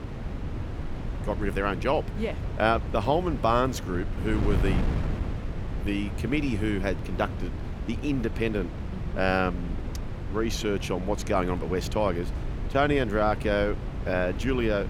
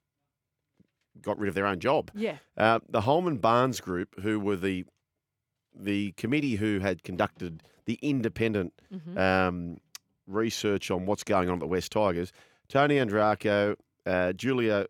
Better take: second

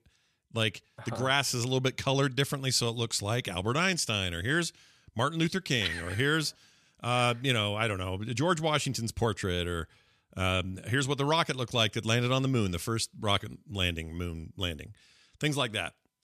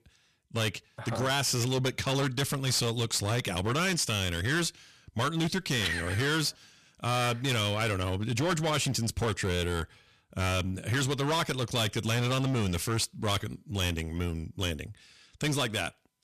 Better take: first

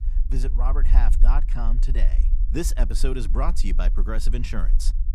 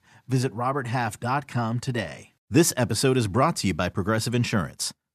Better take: second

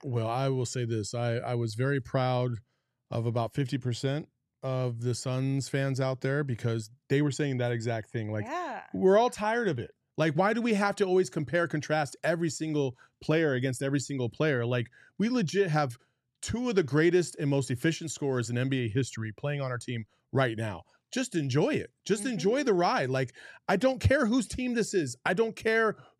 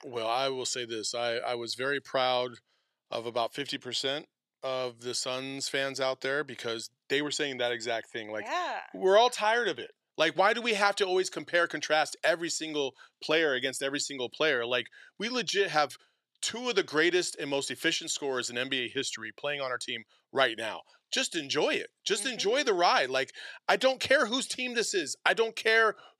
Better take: first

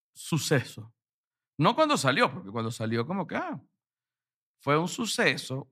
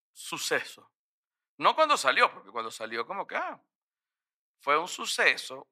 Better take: first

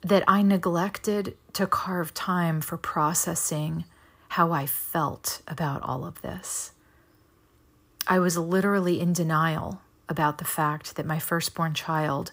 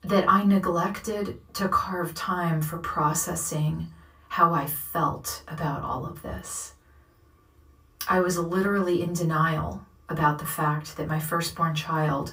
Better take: first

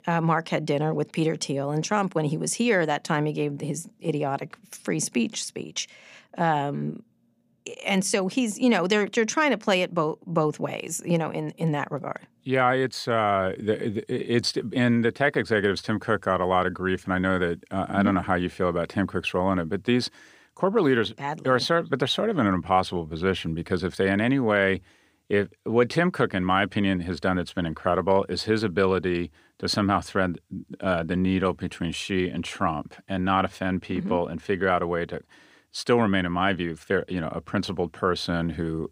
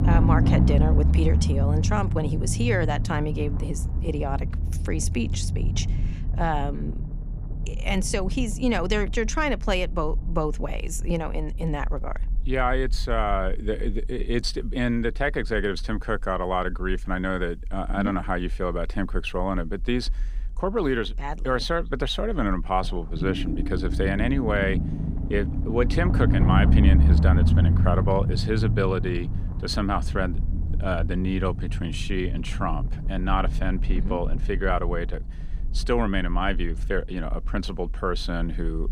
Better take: first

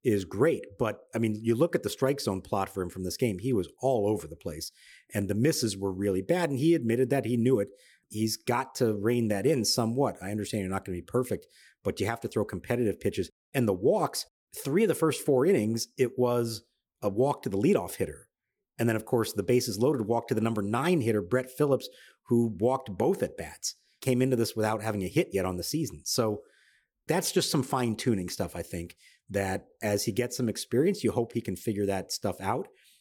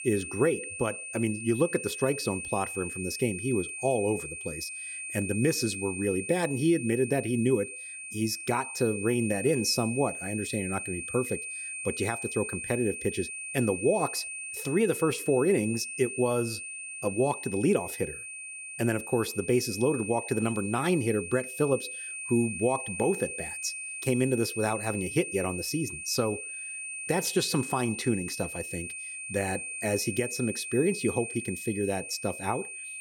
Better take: first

